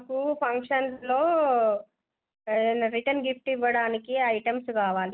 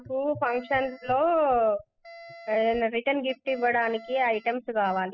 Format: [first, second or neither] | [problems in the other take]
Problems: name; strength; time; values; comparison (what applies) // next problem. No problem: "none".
first | noise reduction (classical method spectral subtraction)